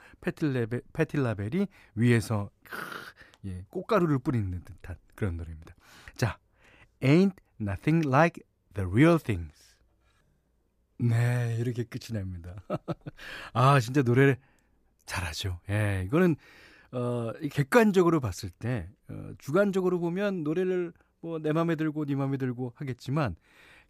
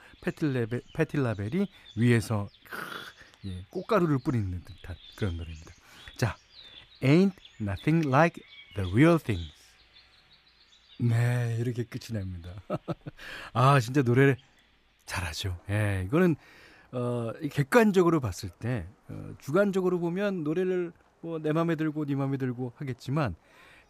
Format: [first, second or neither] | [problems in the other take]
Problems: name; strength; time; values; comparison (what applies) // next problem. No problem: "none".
first | animal sounds; faint; throughout; 25 dB below the speech